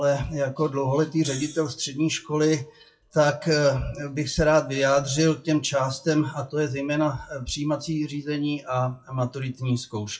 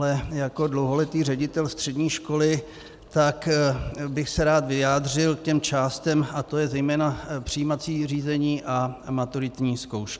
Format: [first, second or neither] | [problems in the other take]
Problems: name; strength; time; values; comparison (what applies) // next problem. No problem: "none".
second | noise reduction (classical method WPE with log-MMSE)